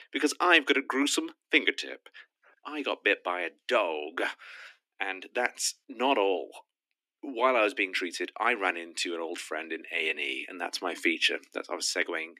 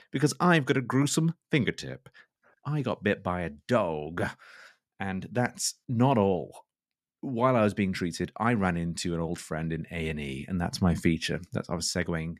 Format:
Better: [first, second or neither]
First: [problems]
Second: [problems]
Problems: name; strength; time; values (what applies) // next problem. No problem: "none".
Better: second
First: thin; somewhat; fading below 300 Hz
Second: none